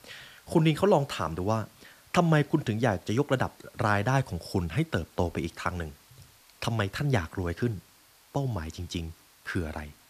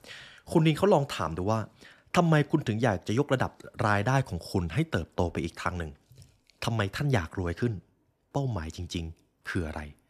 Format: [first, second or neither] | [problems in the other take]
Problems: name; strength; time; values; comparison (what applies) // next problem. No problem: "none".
second | hiss; faint; throughout; 25 dB below the speech